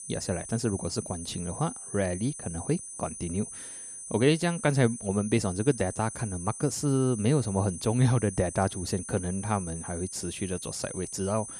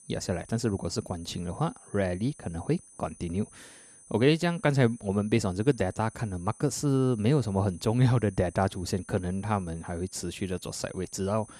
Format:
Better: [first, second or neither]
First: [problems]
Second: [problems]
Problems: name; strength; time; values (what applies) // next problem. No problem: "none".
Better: second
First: high-pitched whine; loud; throughout; 9.5 kHz, 9 dB below the speech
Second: high-pitched whine; faint; throughout; 9.5 kHz, 20 dB below the speech